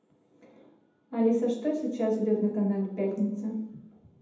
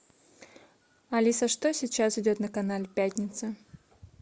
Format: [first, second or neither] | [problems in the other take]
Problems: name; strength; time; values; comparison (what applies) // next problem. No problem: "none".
second | room echo; dies away in 0.8 s